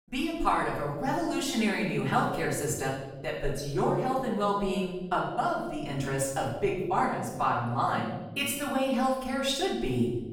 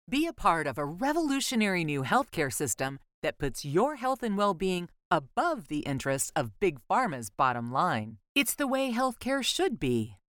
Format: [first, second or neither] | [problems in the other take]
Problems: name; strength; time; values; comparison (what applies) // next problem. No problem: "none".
second | off-mic speech; far // room echo; noticeable; dies away in 1.2 s